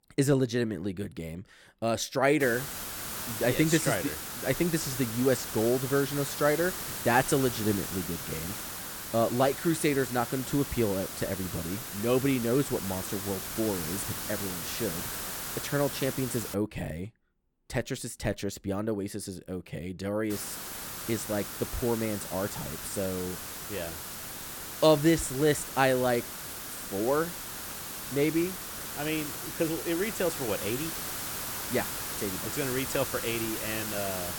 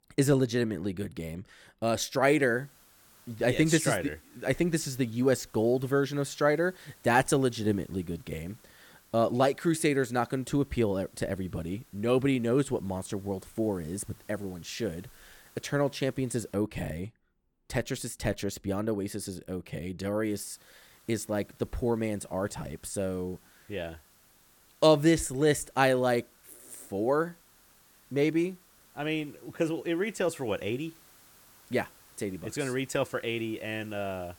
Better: second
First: hiss; loud; from 2.5 to 17 s and from 20 s on; 5 dB below the speech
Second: hiss; faint; from 2.5 to 17 s and from 20 s on; 25 dB below the speech

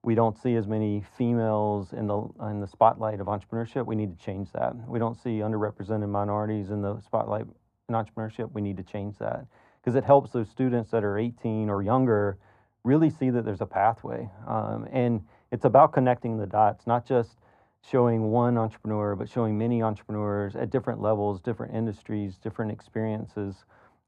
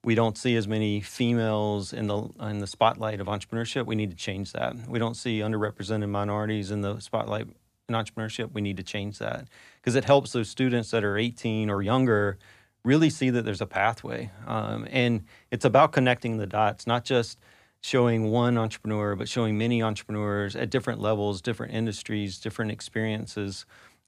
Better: second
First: muffled; very; fading above 2 kHz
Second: none

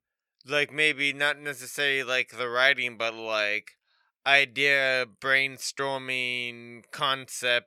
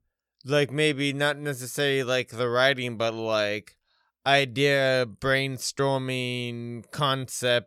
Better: second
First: thin; somewhat; fading below 500 Hz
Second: none

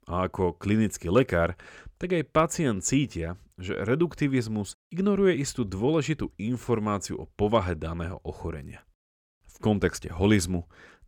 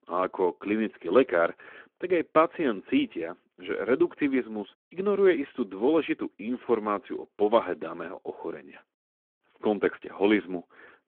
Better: first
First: none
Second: phone-call audio

